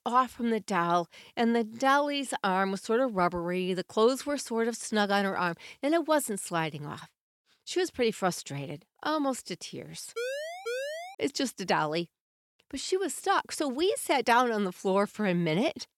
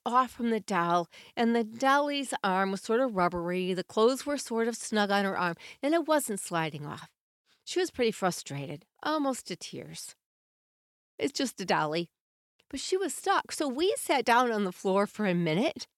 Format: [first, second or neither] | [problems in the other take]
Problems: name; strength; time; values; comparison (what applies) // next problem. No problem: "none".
second | siren; noticeable; at 10 s; peak 6 dB below the speech